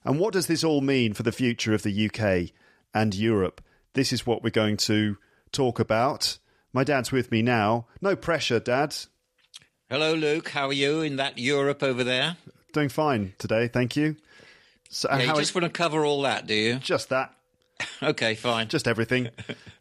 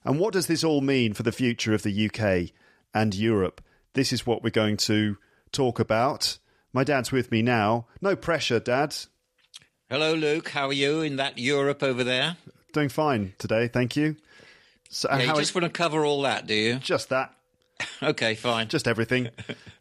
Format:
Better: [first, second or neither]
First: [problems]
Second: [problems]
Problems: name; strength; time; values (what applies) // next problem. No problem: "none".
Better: neither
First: none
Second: none